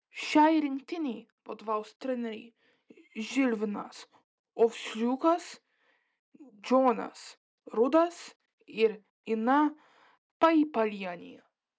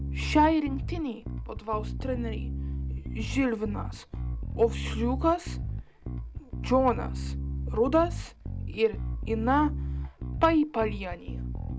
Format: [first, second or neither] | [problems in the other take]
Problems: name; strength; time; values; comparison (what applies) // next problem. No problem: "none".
first | background sound (Bass guitar); 4 dB below the speech